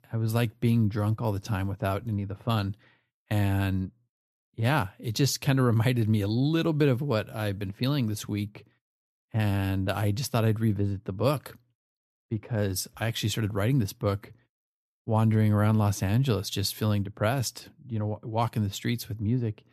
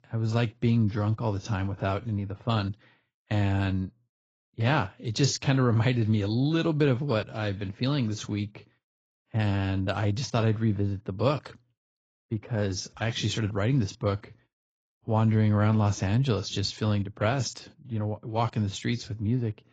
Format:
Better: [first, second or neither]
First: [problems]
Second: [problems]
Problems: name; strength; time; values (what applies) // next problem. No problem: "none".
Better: first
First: none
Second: garbled, watery; badly; nothing above 7.5 kHz